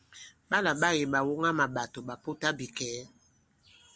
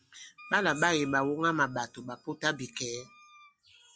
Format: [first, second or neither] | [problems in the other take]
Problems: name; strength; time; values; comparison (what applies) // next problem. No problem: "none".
first | noise reduction (classical method log-MMSE)